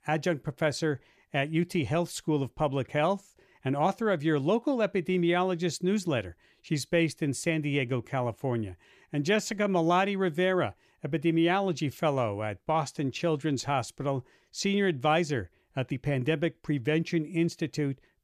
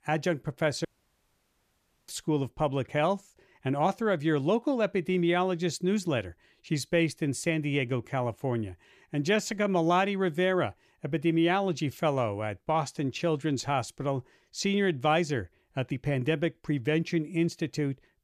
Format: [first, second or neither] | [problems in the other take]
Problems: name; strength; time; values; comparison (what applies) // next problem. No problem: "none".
first | audio cutting out; at 1 s for 1 s